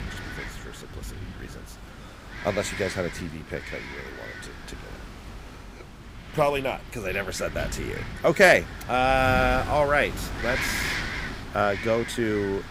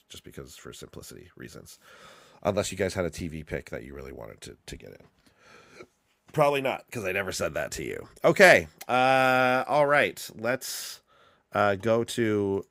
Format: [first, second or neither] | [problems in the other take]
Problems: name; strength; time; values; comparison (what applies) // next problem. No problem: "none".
second | wind noise on the microphone; occasional gusts; 10 dB below the speech